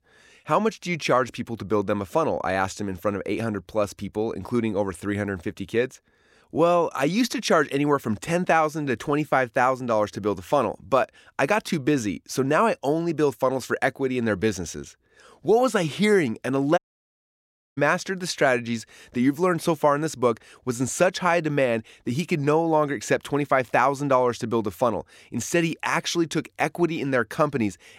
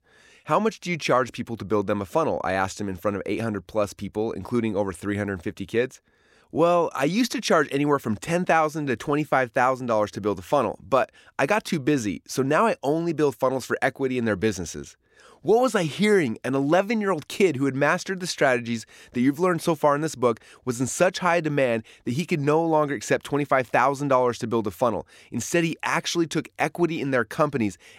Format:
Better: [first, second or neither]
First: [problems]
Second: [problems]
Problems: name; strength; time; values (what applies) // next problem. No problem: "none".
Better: second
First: audio cutting out; at 17 s for 1 s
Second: none